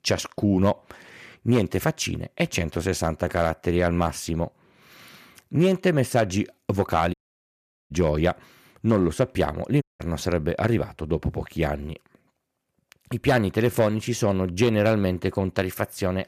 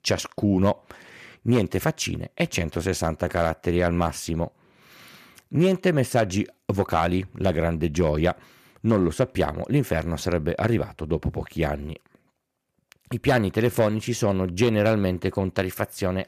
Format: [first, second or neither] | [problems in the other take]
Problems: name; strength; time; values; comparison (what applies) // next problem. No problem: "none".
second | audio cutting out; at 7 s for 1 s and at 10 s